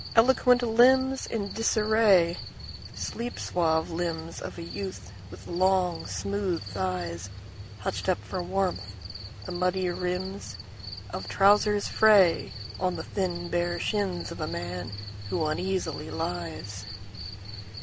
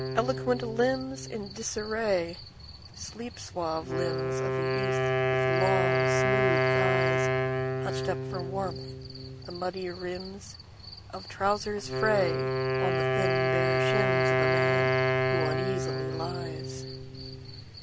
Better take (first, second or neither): first